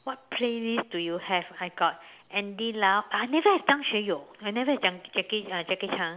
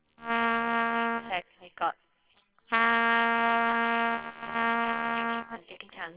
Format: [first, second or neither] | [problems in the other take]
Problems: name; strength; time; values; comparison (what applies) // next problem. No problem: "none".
first | noise reduction (neural separator model SepFormer WHAMR!)